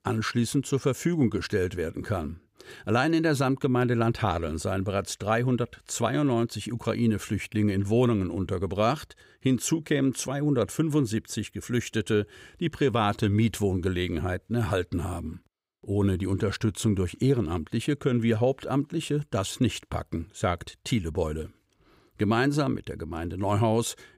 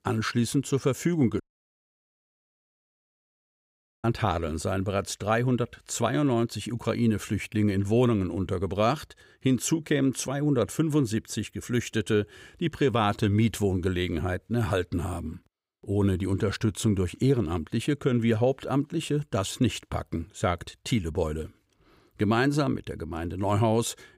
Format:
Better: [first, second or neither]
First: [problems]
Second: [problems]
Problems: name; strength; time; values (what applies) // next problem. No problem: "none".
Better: first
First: none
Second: audio cutting out; at 1.5 s for 2.5 s